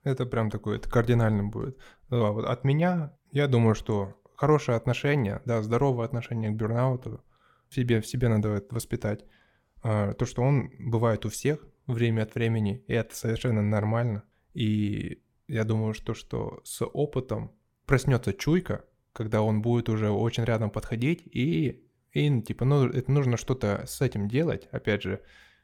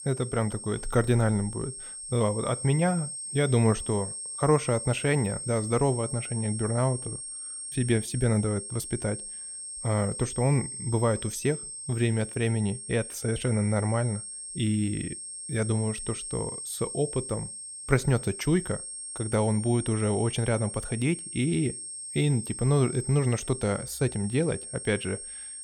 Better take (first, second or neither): first